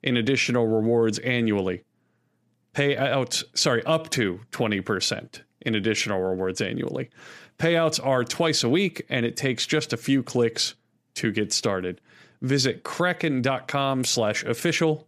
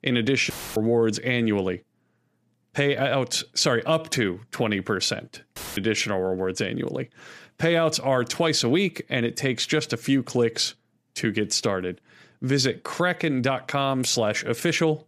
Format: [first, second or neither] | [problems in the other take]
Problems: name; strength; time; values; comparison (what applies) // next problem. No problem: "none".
first | audio cutting out; filled with static; at 0.5 s and at 5.5 s